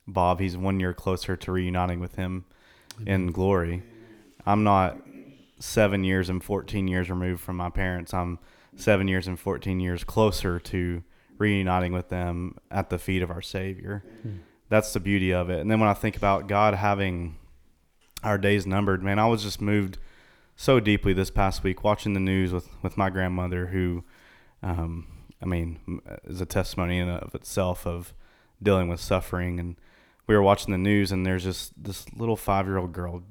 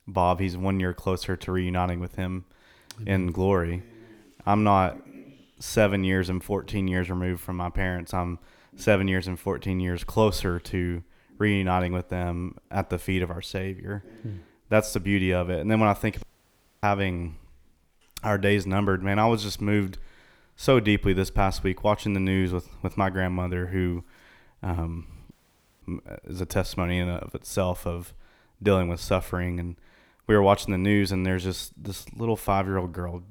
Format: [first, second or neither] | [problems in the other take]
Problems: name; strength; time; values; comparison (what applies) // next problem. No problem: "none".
first | audio cutting out; at 16 s for 0.5 s and at 25 s for 0.5 s